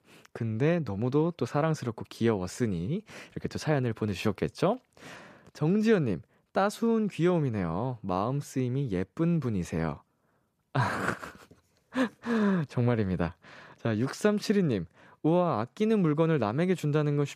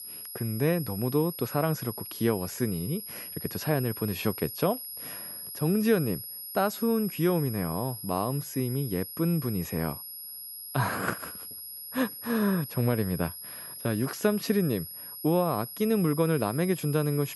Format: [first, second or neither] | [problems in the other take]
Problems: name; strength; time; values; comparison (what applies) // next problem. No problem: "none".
first | high-pitched whine; loud; throughout; 11.5 kHz, 9 dB below the speech